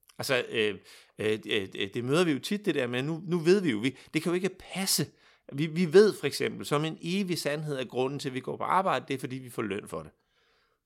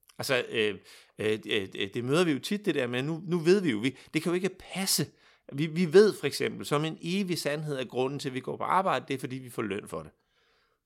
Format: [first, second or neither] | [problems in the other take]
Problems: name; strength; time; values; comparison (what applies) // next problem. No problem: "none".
neither | none